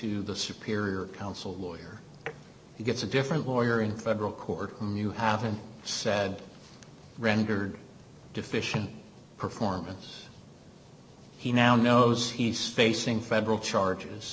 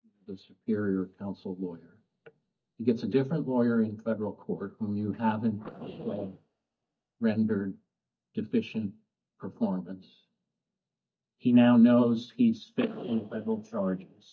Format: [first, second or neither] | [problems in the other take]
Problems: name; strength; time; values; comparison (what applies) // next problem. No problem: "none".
first | noise reduction (neural mask model DeepFilterNet 3)